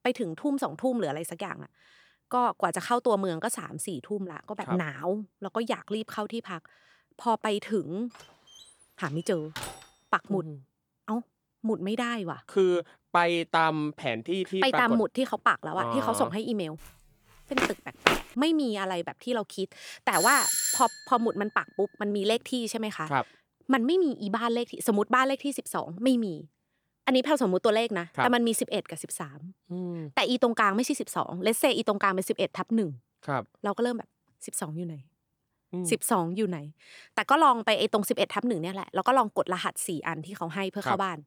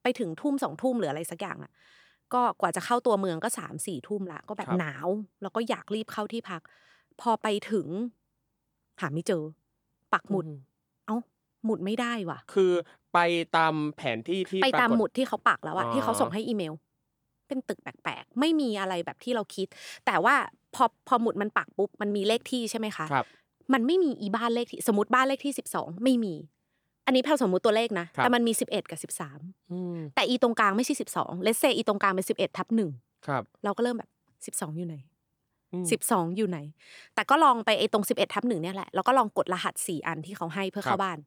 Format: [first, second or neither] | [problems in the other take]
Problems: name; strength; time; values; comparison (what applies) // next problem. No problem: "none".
second | door banging; faint; from 8 to 10 s; peak 10 dB below the speech // footsteps; loud; at 18 s; peak 3 dB above the speech // doorbell; loud; at 20 s; peak 4 dB above the speech